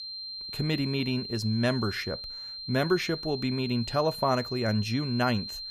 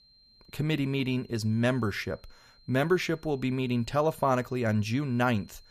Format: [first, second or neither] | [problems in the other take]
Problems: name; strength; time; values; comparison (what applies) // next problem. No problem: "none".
second | high-pitched whine; loud; throughout; 4 kHz, 7 dB below the speech; faint in the second